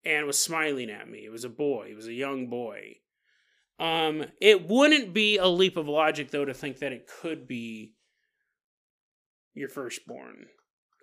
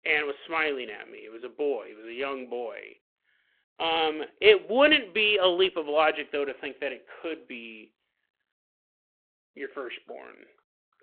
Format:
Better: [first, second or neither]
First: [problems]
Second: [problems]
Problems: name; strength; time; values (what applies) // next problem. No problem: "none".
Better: first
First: none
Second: phone-call audio